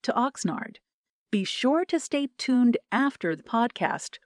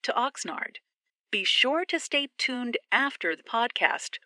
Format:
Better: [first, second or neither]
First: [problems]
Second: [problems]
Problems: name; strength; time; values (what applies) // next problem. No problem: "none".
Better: first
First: none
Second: thin; somewhat; fading below 350 Hz